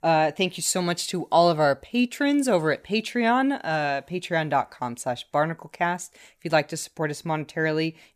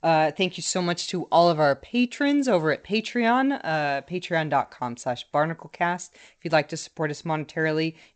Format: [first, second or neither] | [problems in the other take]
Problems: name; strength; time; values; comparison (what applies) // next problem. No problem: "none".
first | garbled, watery; slightly; nothing above 8 kHz